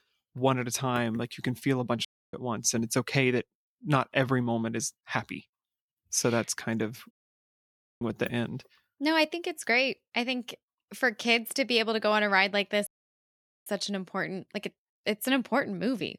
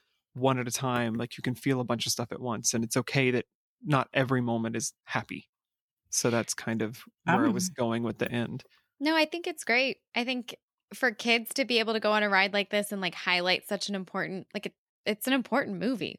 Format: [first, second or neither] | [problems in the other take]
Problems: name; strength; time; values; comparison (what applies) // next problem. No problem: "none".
second | audio cutting out; at 2 s, at 7 s for 1 s and at 13 s for 1 s